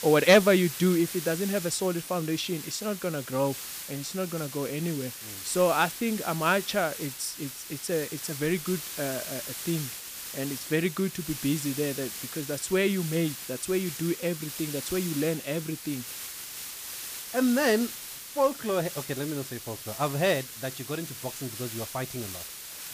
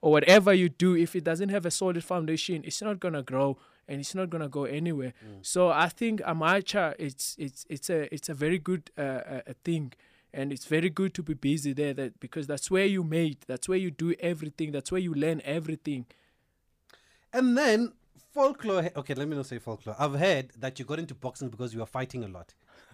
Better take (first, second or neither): second